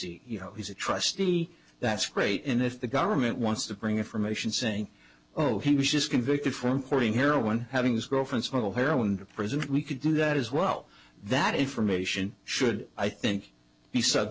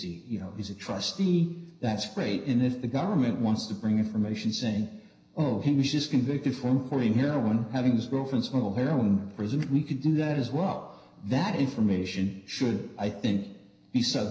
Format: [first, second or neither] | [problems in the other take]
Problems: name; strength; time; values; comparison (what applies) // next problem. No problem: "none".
first | room echo; dies away in 0.9 s